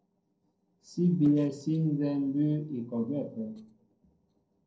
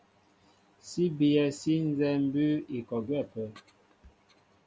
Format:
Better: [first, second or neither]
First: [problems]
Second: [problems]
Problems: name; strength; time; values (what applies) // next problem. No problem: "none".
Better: second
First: noise reduction (neural separator model SepFormer DNS4)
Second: none